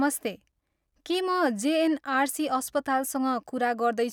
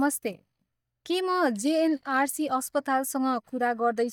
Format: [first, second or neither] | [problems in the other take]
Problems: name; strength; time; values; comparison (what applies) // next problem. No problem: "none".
first | noise reduction (neural mask model DeepFilterNet 3)